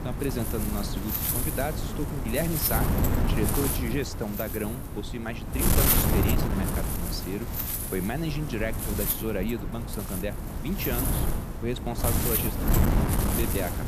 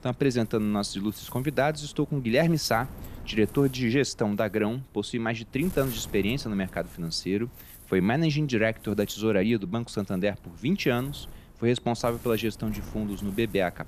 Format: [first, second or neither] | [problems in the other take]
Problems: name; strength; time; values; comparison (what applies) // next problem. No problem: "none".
second | wind noise on the microphone; heavy; 1 dB above the speech; occasional gusts in the second